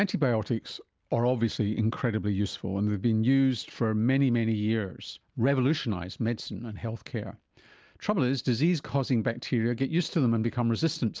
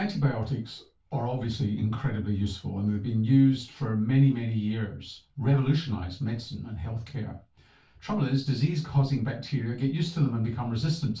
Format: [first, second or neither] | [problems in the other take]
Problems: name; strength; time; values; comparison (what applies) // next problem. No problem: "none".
first | room echo; dies away in 0.2 s